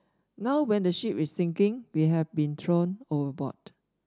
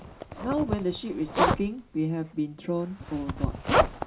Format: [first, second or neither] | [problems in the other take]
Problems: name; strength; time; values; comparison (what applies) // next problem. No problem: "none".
first | background sound (Zipper (clothing)); 1 dB above the speech // room echo; dies away in 0.2 s